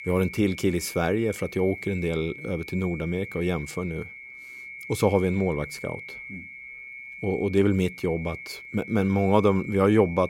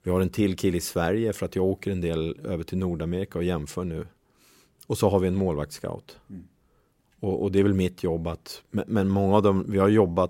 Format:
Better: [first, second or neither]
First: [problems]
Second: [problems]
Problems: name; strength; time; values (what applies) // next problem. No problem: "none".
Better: second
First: high-pitched whine; noticeable; throughout; 2 kHz, 15 dB below the speech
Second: none